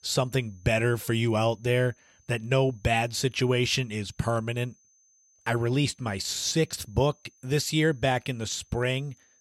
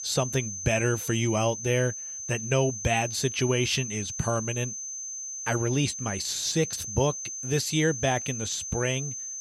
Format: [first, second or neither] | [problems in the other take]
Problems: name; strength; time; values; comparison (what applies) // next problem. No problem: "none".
first | high-pitched whine; loud; throughout; 6 kHz, 6 dB below the speech; faint in the first